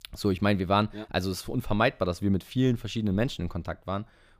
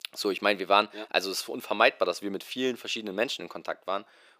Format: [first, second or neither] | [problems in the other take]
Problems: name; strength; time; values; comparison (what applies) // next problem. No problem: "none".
first | thin; somewhat; fading below 350 Hz